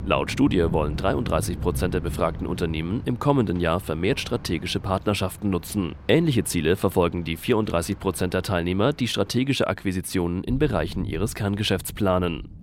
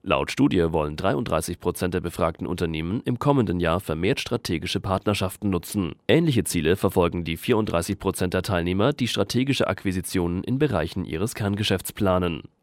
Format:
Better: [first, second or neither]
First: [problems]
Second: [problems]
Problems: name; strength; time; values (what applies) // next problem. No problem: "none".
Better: second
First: rain or running water; noticeable; throughout; 10 dB below the speech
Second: none